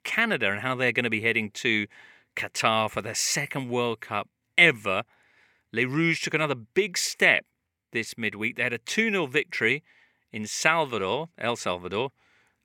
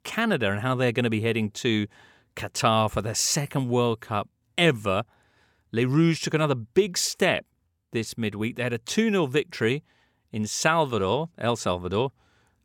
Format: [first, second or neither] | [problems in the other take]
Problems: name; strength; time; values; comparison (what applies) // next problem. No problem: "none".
second | thin; very slightly; fading below 450 Hz